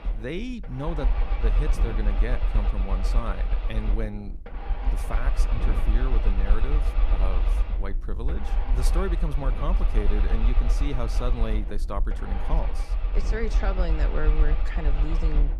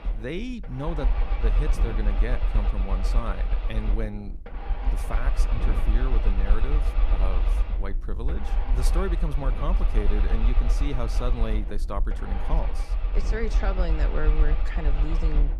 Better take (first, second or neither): neither